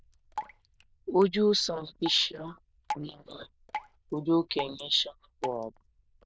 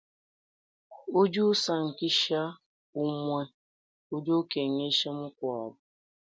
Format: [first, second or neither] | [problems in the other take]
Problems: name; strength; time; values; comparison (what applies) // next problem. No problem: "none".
second | noise reduction (neural diffusion model UNIVERSE++)